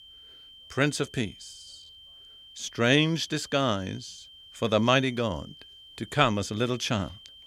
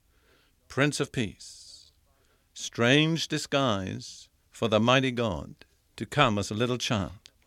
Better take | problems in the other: second | high-pitched whine; faint; throughout; 3 kHz, 20 dB below the speech

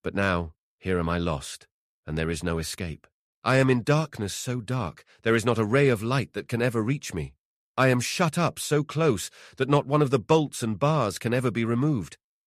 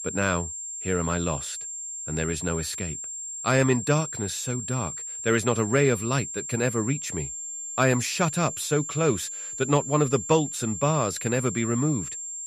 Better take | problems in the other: first | high-pitched whine; loud; throughout; 7.5 kHz, 6 dB below the speech

